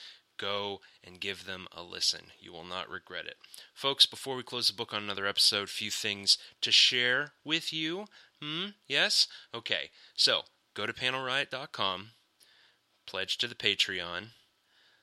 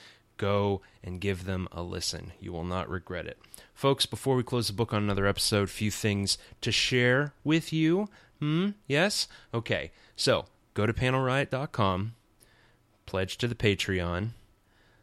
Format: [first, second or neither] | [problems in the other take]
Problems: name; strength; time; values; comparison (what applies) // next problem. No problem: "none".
second | thin; somewhat; fading below 650 Hz